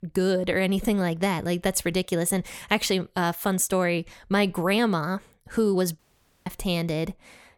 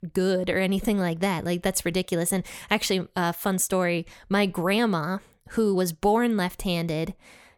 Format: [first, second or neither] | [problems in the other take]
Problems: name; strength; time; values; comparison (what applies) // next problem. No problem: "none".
second | audio cutting out; at 6 s